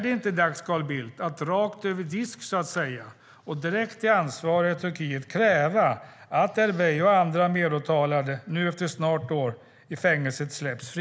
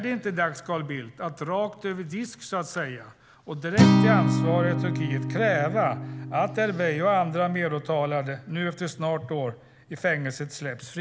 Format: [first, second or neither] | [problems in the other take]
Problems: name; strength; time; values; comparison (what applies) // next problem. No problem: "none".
first | background sound (Acoustic guitar); 1 dB below the speech